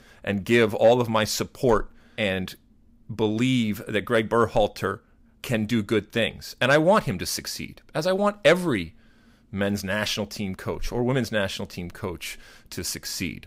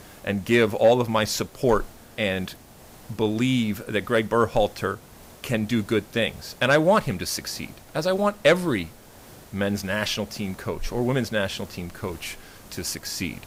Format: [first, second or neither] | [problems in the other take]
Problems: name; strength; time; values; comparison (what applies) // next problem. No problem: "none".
first | hiss; faint; throughout; 25 dB below the speech